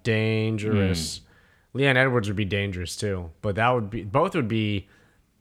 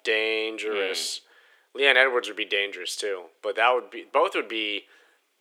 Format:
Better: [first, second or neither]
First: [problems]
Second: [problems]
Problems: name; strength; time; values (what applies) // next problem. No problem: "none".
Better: first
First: none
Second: thin; very; fading below 350 Hz